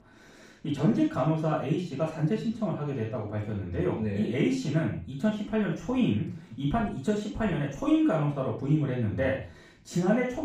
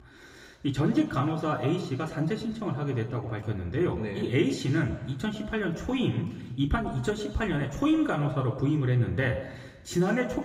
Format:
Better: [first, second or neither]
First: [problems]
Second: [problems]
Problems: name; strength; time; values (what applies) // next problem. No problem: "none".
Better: second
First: room echo; strong; dies away in 0.4 s // off-mic speech; far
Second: room echo; slight; dies away in 1.1 s // off-mic speech; somewhat distant